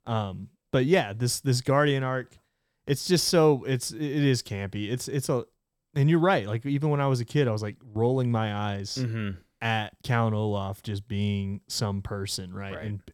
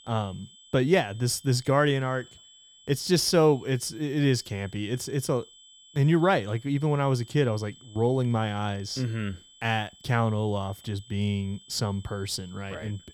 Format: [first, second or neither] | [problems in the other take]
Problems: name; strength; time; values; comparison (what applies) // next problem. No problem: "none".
first | high-pitched whine; faint; throughout; 3 kHz, 25 dB below the speech